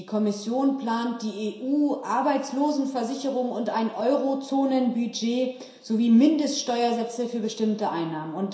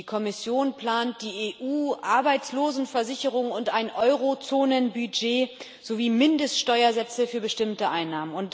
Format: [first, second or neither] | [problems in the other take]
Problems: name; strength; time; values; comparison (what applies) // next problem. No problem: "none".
second | room echo; dies away in 0.7 s